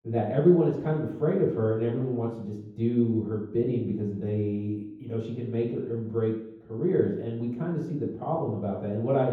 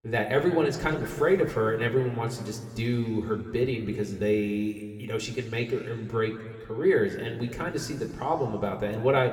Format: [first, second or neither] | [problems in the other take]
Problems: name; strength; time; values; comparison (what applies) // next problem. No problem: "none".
second | room echo; strong; dies away in 0.9 s; slight in the second // off-mic speech; far